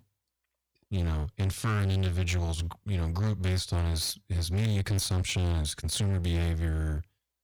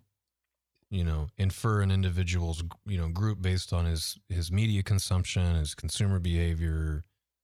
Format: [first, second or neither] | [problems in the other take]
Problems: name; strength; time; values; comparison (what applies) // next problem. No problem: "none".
second | distortion; slight; 26% of the sound clipped